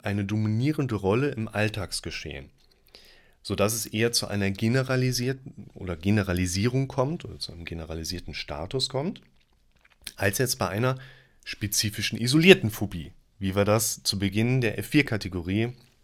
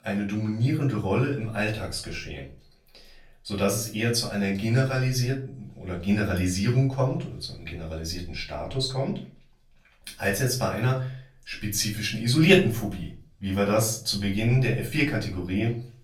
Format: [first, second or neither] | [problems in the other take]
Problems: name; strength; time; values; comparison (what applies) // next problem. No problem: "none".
first | room echo; slight; dies away in 0.3 s // off-mic speech; far